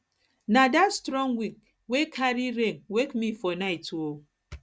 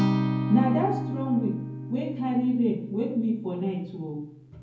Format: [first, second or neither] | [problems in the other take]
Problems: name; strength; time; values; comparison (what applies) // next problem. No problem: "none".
first | background sound (Acoustic guitar); 4 dB below the speech // room echo; dies away in 0.9 s